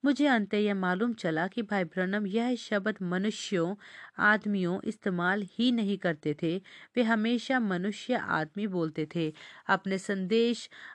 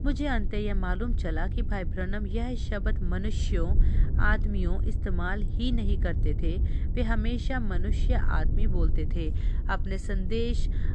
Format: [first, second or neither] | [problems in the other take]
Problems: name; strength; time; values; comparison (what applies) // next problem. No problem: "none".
first | wind noise on the microphone; occasional gusts; 10 dB below the speech